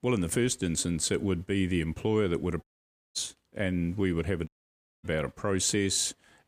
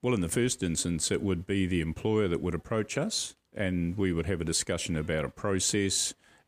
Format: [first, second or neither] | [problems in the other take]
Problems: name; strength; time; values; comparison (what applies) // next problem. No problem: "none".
second | audio cutting out; at 2.5 s for 0.5 s and at 4.5 s for 0.5 s